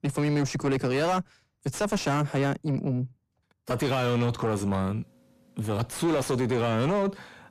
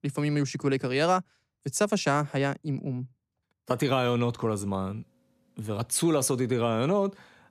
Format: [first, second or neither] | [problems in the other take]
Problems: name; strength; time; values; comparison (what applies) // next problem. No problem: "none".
second | distortion; heavy; 7 dB below the speech